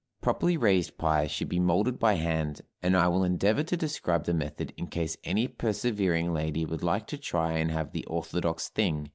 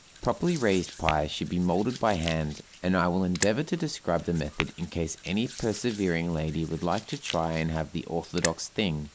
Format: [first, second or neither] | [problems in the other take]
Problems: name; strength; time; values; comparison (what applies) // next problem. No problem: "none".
first | background sound (Hands + Tap / Glass); 12 dB below the speech